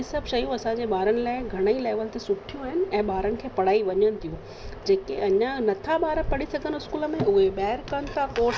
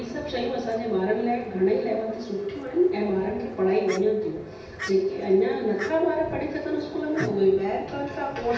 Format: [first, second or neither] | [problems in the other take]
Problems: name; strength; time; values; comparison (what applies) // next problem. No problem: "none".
first | background sound (Fowl); 20 dB below the speech // room echo; dies away in 0.9 s